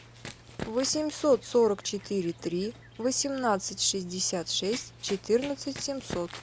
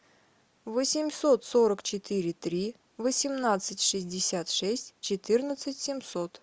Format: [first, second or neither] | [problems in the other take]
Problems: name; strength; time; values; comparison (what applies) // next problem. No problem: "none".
second | background sound (Run); 16 dB below the speech